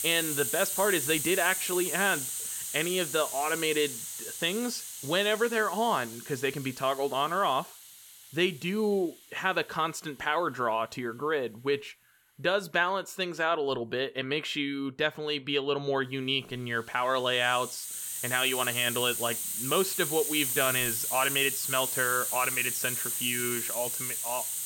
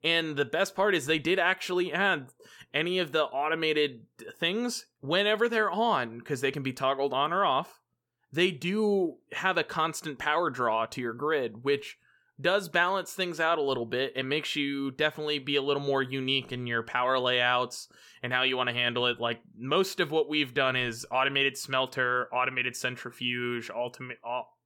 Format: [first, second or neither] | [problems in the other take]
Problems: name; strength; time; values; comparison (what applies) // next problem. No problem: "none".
second | hiss; loud; throughout; 2 dB below the speech